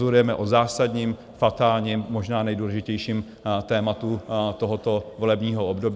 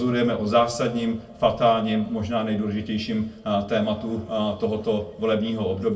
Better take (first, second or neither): first